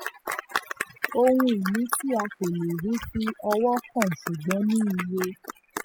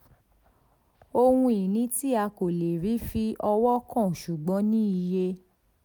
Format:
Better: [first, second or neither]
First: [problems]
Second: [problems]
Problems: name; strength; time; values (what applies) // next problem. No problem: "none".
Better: second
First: noise reduction (classical method spectral subtraction)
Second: none